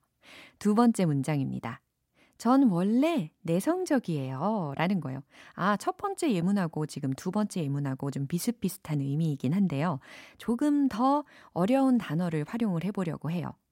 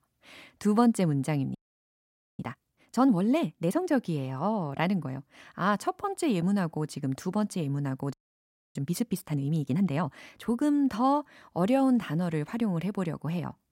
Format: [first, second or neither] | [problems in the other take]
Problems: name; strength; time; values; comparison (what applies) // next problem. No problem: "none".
first | audio freezing; at 1.5 s for 1 s and at 8 s for 0.5 s